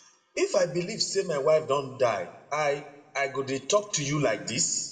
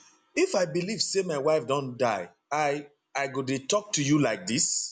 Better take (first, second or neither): second